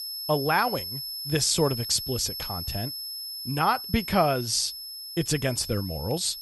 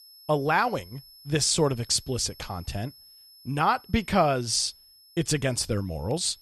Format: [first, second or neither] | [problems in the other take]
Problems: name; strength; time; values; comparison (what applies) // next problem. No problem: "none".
second | high-pitched whine; loud; throughout; 5.5 kHz, 7 dB below the speech; faint in the second